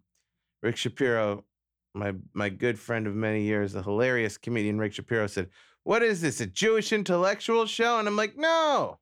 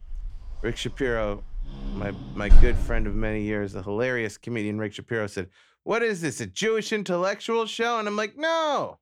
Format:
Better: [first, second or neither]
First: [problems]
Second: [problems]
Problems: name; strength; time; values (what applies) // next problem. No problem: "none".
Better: first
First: none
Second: animal sounds; loud; until 2.5 s; 3 dB below the speech